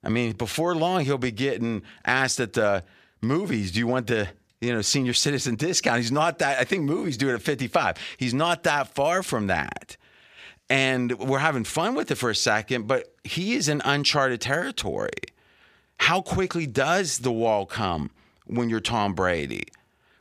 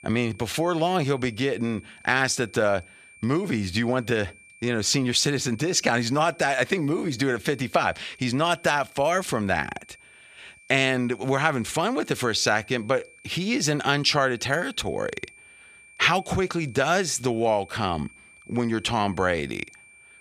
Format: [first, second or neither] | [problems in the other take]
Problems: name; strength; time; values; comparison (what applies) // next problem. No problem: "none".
first | high-pitched whine; faint; throughout; 2.5 kHz, 25 dB below the speech